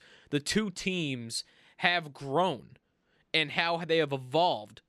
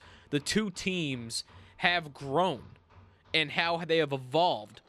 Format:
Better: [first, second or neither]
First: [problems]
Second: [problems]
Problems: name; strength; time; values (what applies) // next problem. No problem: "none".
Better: first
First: none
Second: machinery noise; faint; throughout; 30 dB below the speech